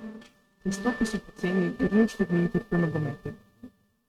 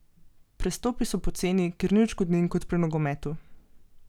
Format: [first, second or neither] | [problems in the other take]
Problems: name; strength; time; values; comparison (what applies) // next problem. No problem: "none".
second | noise reduction (neural mask model RNNoise)